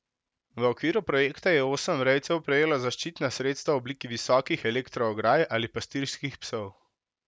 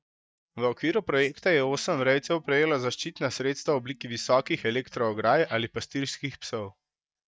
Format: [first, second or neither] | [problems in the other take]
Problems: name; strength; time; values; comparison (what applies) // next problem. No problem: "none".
first | noise reduction (neural mask model DeepFilterNet 3)